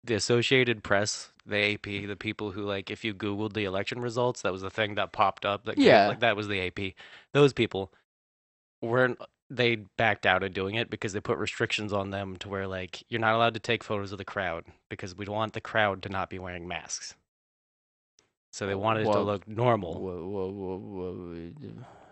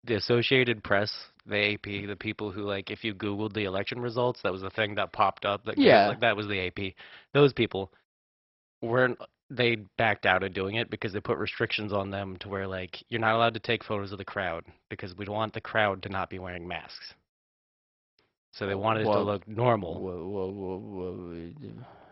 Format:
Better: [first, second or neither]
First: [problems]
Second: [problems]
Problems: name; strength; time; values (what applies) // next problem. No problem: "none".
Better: first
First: garbled, watery; slightly; nothing above 8 kHz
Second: garbled, watery; badly; nothing above 5.5 kHz